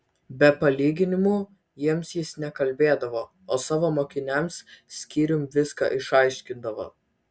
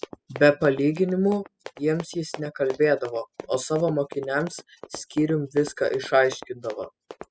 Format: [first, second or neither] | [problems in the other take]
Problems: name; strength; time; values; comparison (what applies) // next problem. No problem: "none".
first | noise reduction (classical method spectral subtraction)